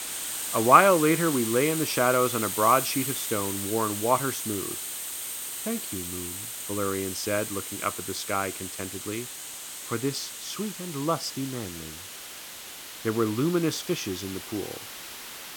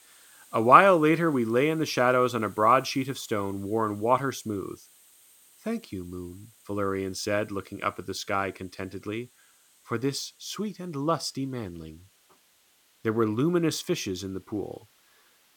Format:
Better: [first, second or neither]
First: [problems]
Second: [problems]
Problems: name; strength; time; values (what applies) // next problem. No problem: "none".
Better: second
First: hiss; loud; throughout; 6 dB below the speech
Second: hiss; faint; throughout; 30 dB below the speech